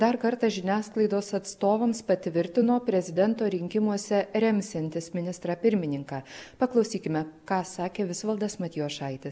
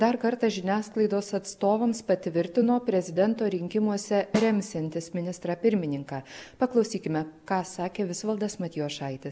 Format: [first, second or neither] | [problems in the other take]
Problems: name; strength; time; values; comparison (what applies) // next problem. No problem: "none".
first | background sound (Snare drum); 10 dB below the speech